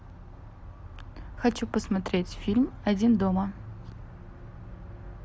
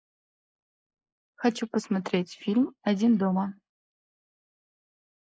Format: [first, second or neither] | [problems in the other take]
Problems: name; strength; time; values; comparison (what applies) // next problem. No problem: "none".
first | noise reduction (neural mask model Resemble Enhance denoiser)